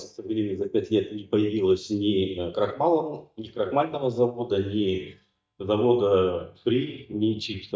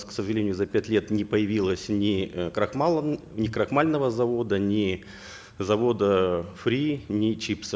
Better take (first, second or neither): second